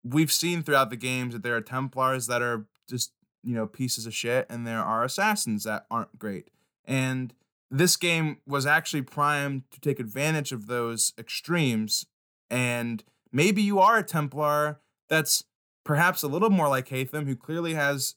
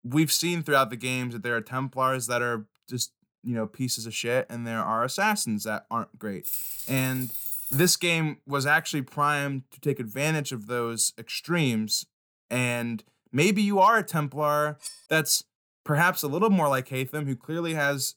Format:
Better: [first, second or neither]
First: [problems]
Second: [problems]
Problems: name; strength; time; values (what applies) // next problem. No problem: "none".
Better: first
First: none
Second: jangling keys; noticeable; from 6.5 to 8 s; peak 2 dB below the speech // clattering dishes; faint; at 15 s; peak 15 dB below the speech